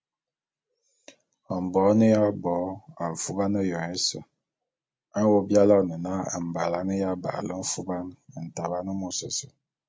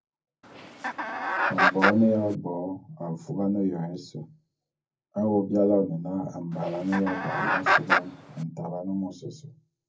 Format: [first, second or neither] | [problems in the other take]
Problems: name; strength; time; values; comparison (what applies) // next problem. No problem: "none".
first | background sound (Chicken, rooster); 2 dB above the speech // room echo; dies away in 0.4 s